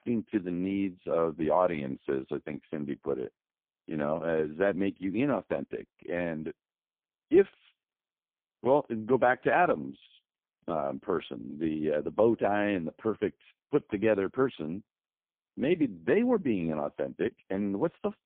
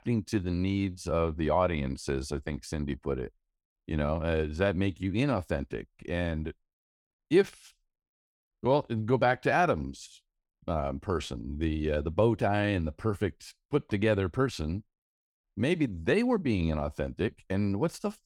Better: second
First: phone-call audio; poor line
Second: none

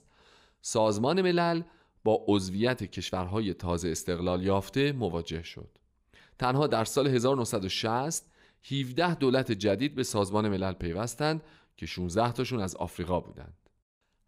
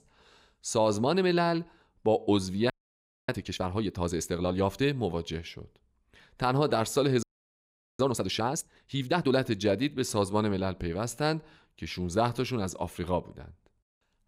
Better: first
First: none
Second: audio freezing; at 2.5 s for 0.5 s and at 7 s for 1 s

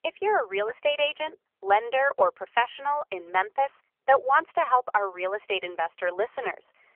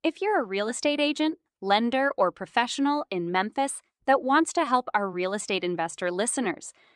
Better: second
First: phone-call audio; nothing above 3 kHz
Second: none

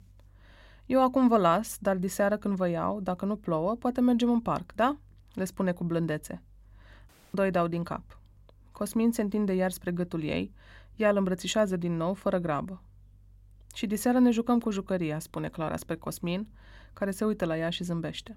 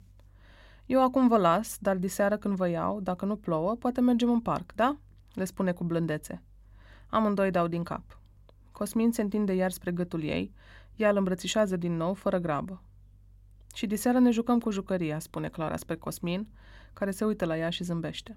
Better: second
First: audio cutting out; at 7 s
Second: none

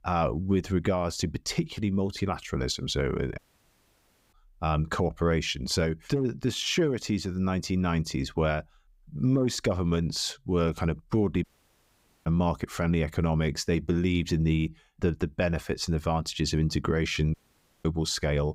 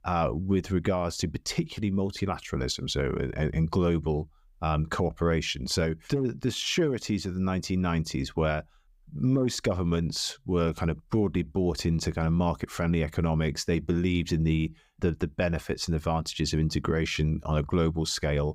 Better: second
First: audio cutting out; at 3.5 s for 1 s, at 11 s for 1 s and at 17 s for 0.5 s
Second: none

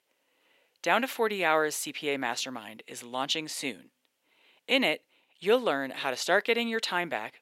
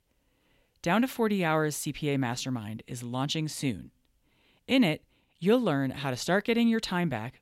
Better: second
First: thin; somewhat; fading below 450 Hz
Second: none

